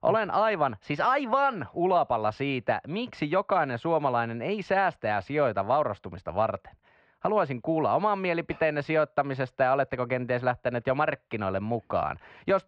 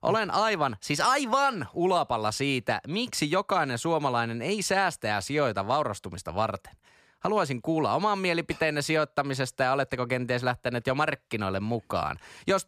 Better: second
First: muffled; very; fading above 2.5 kHz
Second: none

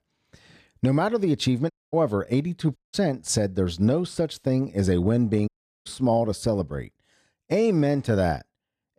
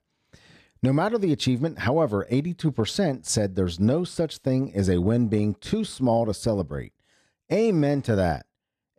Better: second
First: audio cutting out; at 1.5 s, at 3 s and at 5.5 s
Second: none

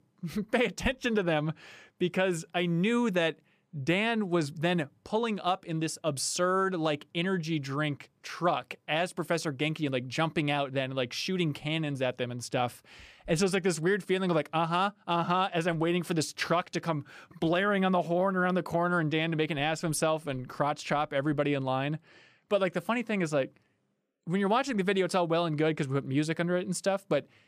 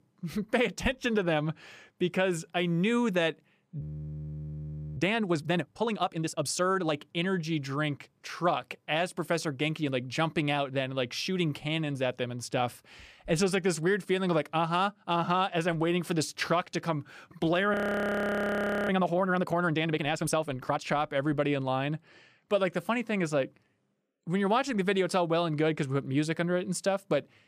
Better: first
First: none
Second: audio freezing; at 4 s for 1 s and at 18 s for 1 s

